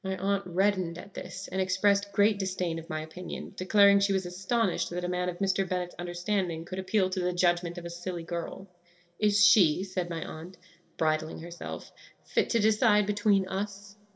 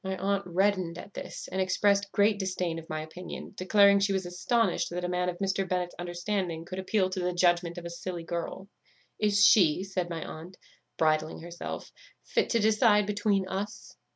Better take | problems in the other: second | room echo; dies away in 0.6 s

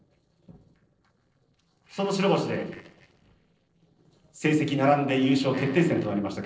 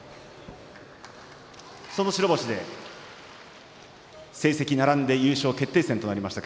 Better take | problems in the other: second | noise reduction (neural separator model SepFormer DNS4)

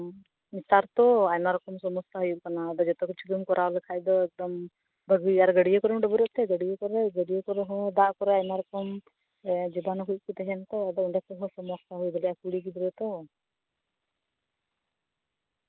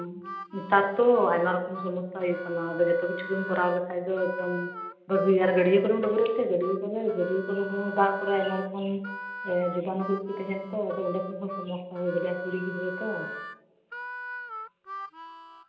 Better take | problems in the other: first | background sound (Harmonica); 13 dB below the speech // room echo; dies away in 0.8 s

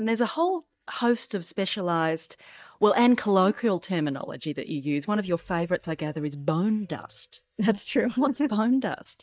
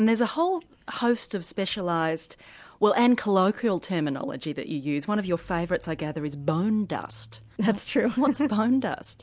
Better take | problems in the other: second | noise reduction (neural mask model DeepFilterNet 3)

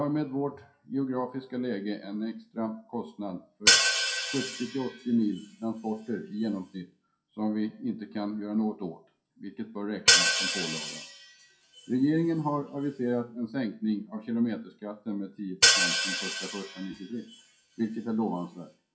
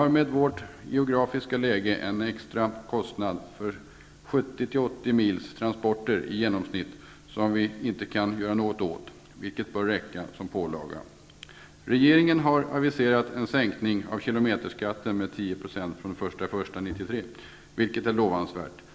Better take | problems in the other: second | noise reduction (classical method WPE with log-MMSE)

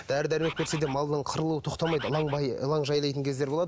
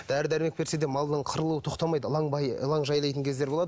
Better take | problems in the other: second | background sound (Bird); 11 dB below the speech

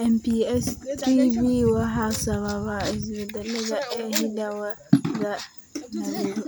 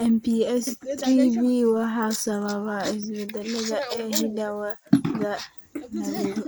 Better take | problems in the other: first | noise reduction (neural mask model Resemble Enhance denoiser)

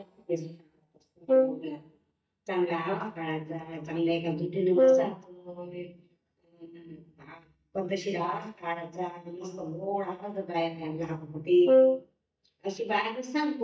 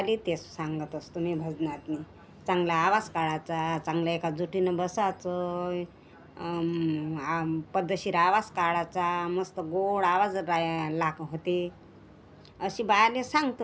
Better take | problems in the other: second | noise reduction (neural mask model DeepFilterNet 3)

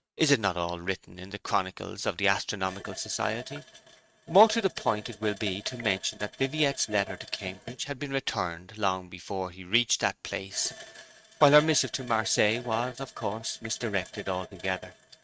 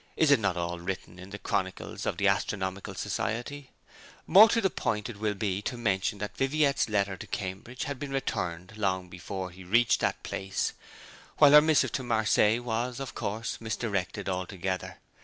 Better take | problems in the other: second | noise reduction (neural mask model RNNoise)

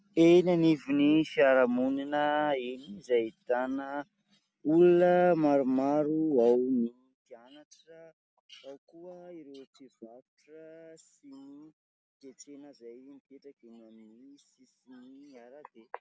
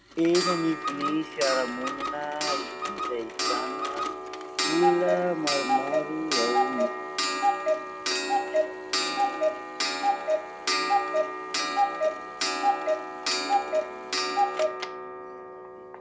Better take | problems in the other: first | background sound (Clock); 5 dB above the speech // room echo; dies away in 0.9 s

